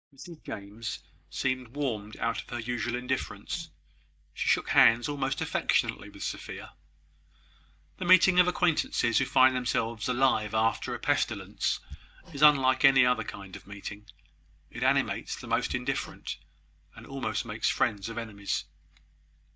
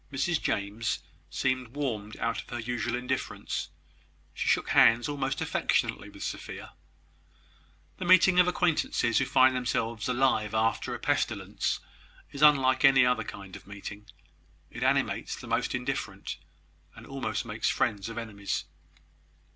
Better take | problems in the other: second | noise reduction (neural mask model DeepFilterNet 3)

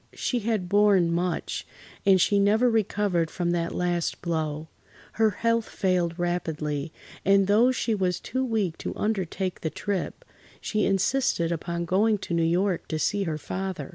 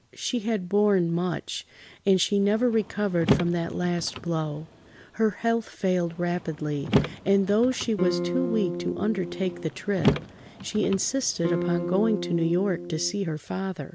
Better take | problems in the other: first | background sound (Car + Electric guitar / Strum); 5 dB below the speech

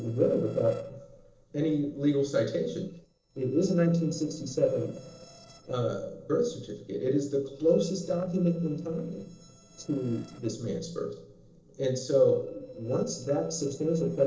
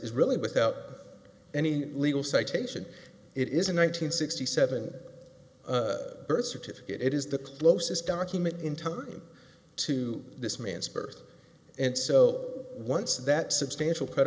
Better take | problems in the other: second | noise reduction (neural separator model SepFormer DNS4)

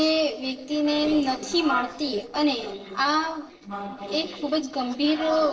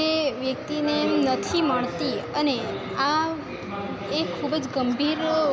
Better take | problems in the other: second | noise reduction (neural separator model SepFormer DNS4)

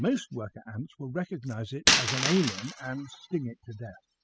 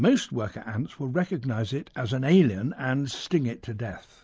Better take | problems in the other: second | noise reduction (classical method spectral subtraction)

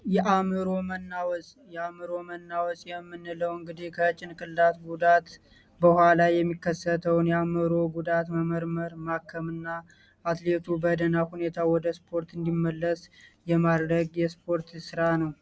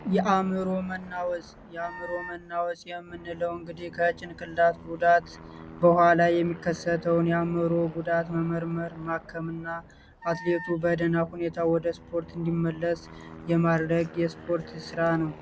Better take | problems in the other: first | background sound (Aircraft + Wind instrument, woodwind instrument); 18 dB below the speech

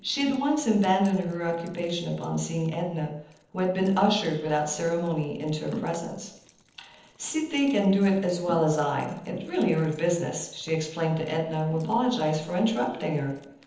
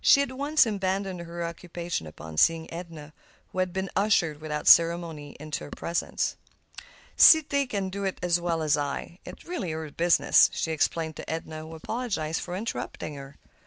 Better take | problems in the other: second | noise reduction (neural separator model SepFormer DNS4)

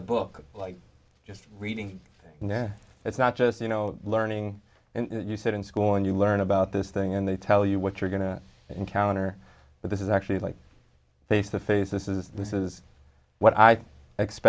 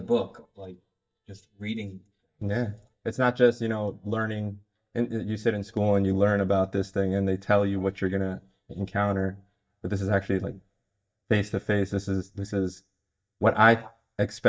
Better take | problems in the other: first | noise reduction (neural mask model DeepFilterNet 3)

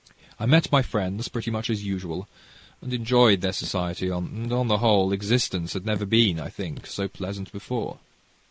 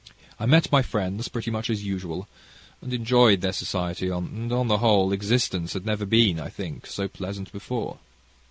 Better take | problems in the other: second | noise reduction (neural mask model Resemble Enhance denoiser)

